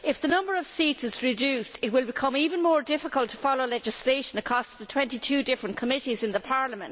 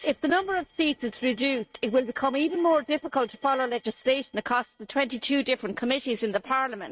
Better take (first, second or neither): first